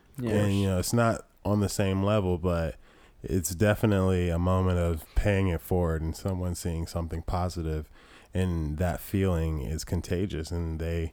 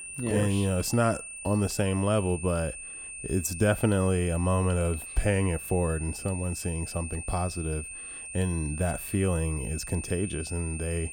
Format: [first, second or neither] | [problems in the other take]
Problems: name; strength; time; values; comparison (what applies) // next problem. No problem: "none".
first | high-pitched whine; loud; throughout; 2.5 kHz, 9 dB below the speech